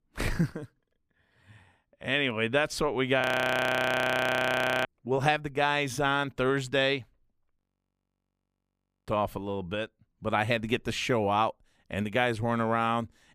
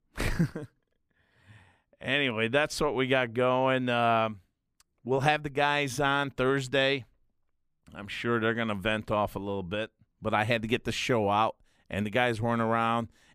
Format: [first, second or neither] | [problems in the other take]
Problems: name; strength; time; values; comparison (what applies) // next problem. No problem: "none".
second | audio freezing; at 3 s for 1.5 s and at 7.5 s for 1.5 s